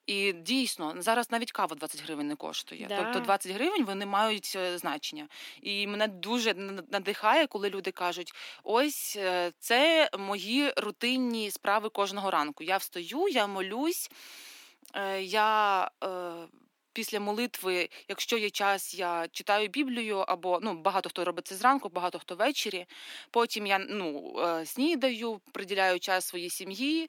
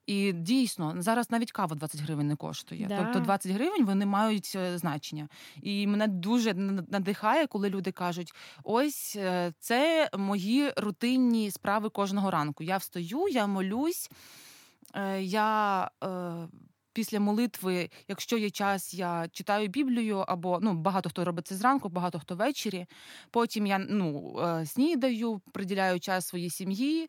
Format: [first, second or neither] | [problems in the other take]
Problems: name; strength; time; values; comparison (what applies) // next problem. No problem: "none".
second | thin; somewhat; fading below 300 Hz